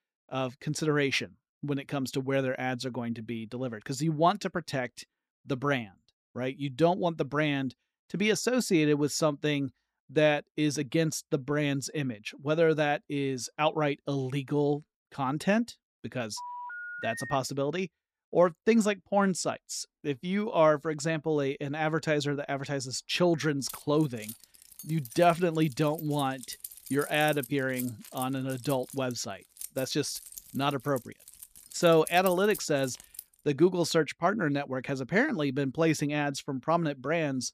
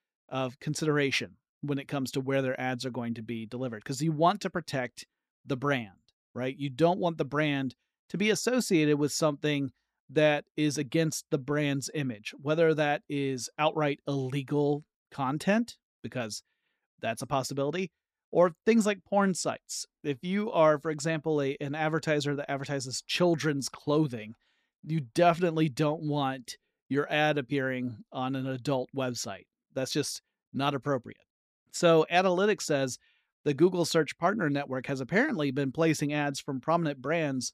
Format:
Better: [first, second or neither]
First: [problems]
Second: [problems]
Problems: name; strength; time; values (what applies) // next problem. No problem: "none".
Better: second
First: phone ringing; noticeable; at 16 s; peak 9 dB below the speech // jangling keys; noticeable; from 24 to 33 s; peak 9 dB below the speech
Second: none